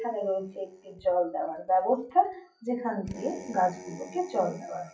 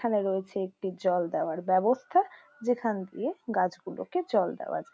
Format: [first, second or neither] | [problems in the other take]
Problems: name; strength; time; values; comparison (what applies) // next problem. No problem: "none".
second | noise reduction (classical method WPE with log-MMSE)